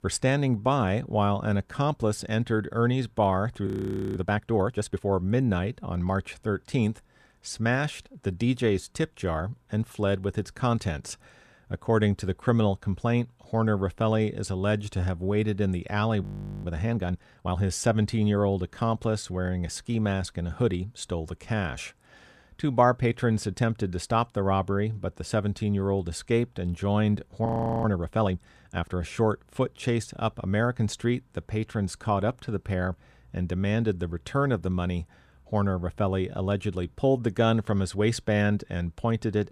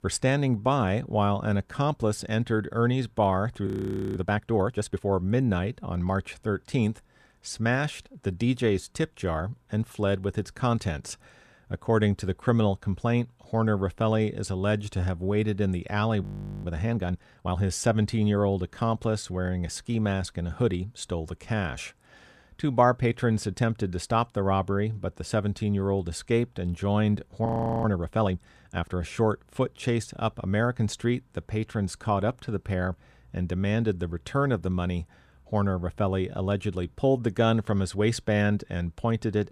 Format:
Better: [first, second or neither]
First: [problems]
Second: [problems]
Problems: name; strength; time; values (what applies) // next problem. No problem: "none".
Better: neither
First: audio freezing; at 3.5 s, at 16 s and at 27 s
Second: audio freezing; at 3.5 s, at 16 s and at 27 s